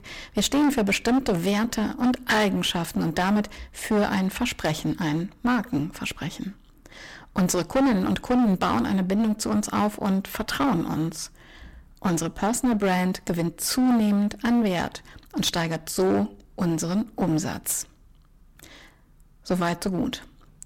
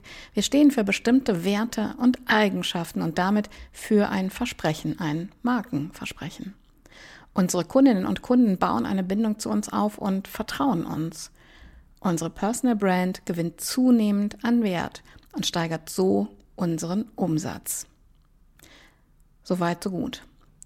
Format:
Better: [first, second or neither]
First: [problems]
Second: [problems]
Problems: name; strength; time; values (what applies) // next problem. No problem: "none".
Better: second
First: distortion; heavy; 12% of the sound clipped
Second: none